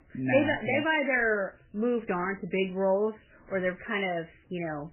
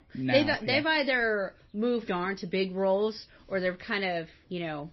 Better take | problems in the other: second | garbled, watery; badly; nothing above 3 kHz; slightly in the second

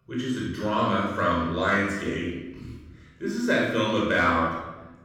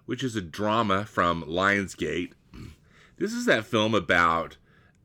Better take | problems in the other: second | off-mic speech; far // room echo; strong; dies away in 1 s

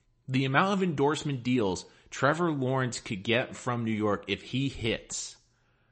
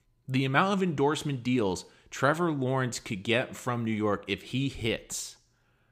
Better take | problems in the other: second | garbled, watery; slightly; nothing above 8 kHz

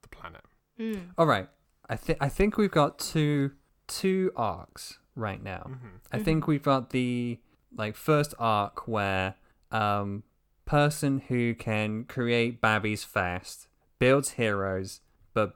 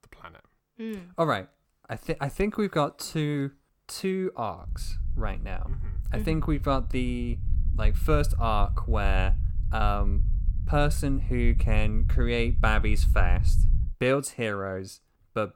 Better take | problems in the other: first | low rumble; noticeable; from 4.5 to 14 s; 20 dB below the speech

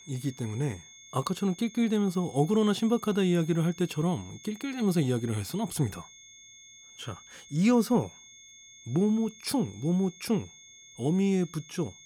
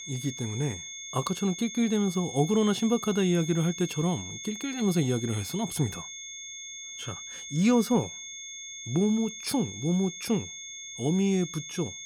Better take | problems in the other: first | high-pitched whine; loud; throughout; 6.5 kHz, 10 dB below the speech; faint in the first

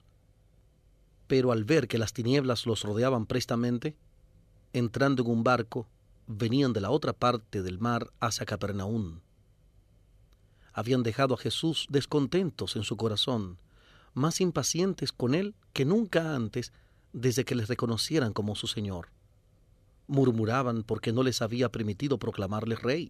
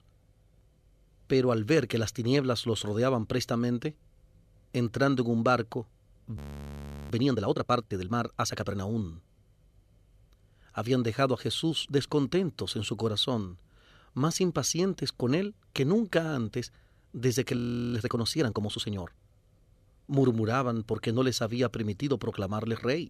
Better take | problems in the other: first | audio freezing; at 6.5 s for 0.5 s and at 18 s

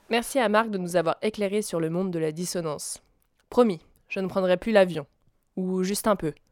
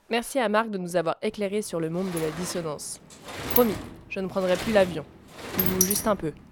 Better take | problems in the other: first | door banging; loud; from 2 to 6 s; peak 5 dB above the speech

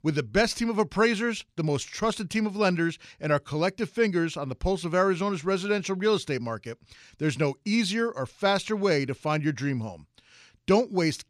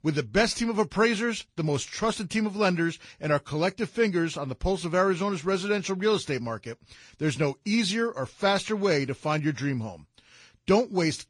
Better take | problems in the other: first | garbled, watery; slightly; nothing above 10 kHz

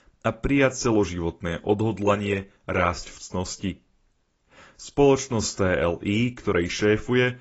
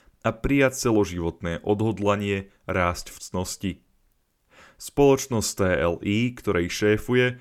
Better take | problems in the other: second | garbled, watery; badly; nothing above 7.5 kHz

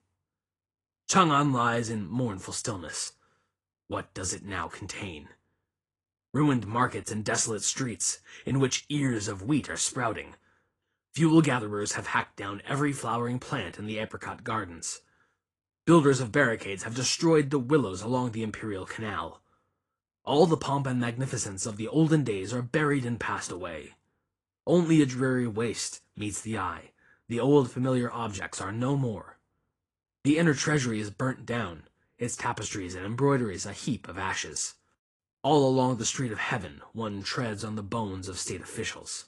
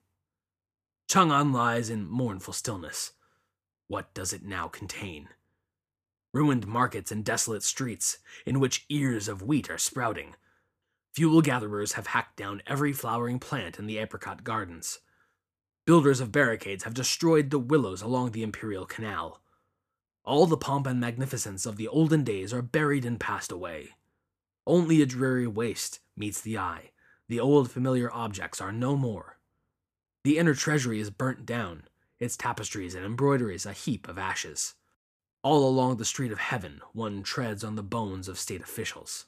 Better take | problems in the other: second | garbled, watery; slightly

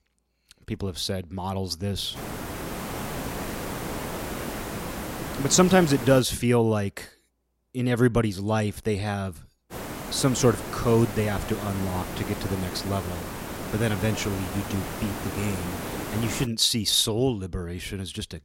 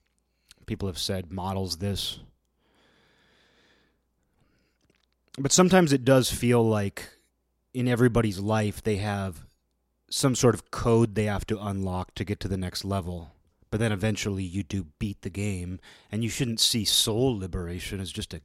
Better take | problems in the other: second | hiss; loud; from 2 to 6 s and from 9.5 to 16 s; 8 dB below the speech

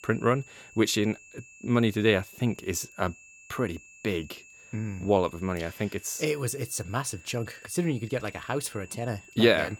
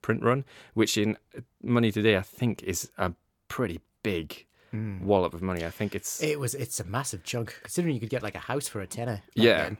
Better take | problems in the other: second | high-pitched whine; faint; throughout; 2.5 kHz, 20 dB below the speech

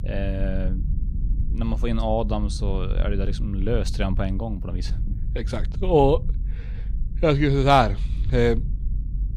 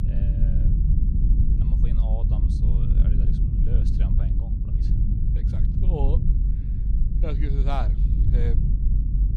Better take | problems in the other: first | low rumble; loud; throughout; 1 dB below the speech; faint in the first

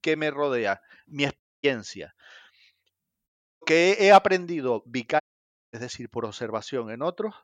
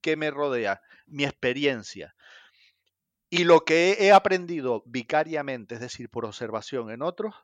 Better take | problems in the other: second | audio cutting out; at 1.5 s, at 3.5 s and at 5 s for 0.5 s

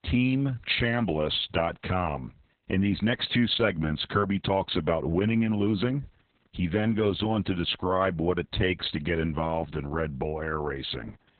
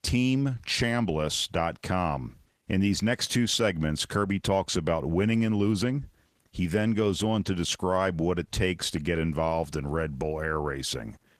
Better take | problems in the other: second | garbled, watery; badly; nothing above 4 kHz; slightly in the second

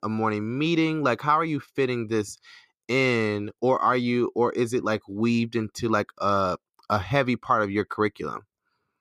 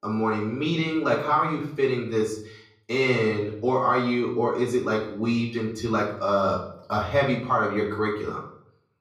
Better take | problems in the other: first | off-mic speech; far // room echo; slight; dies away in 0.5 s

